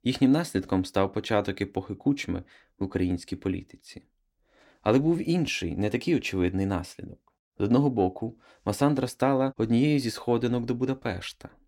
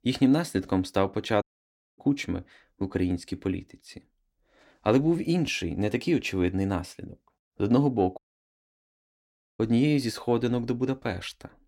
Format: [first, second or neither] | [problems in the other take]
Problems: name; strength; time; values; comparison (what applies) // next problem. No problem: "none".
first | audio cutting out; at 1.5 s for 0.5 s and at 8 s for 1.5 s